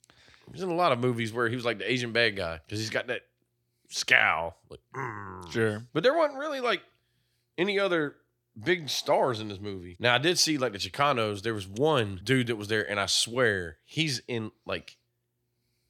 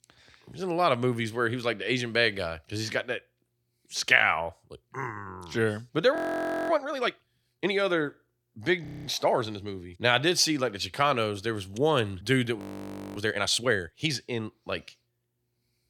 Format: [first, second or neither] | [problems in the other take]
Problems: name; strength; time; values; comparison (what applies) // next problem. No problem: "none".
first | audio freezing; at 6 s for 0.5 s, at 9 s and at 13 s for 0.5 s